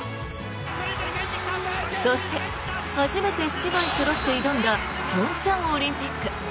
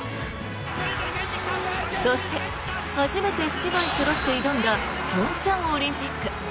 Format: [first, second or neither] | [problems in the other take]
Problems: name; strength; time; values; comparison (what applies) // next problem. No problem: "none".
first | background sound (Drawer open or close); 12 dB below the speech